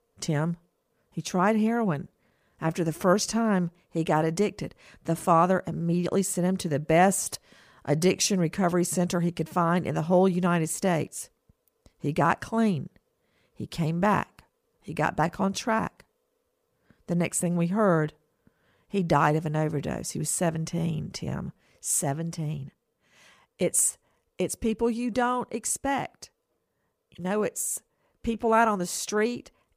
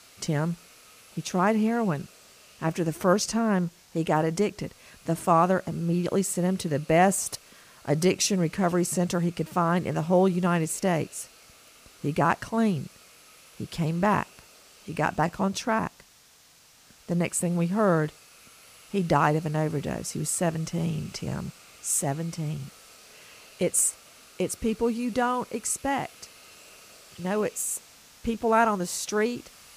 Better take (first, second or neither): first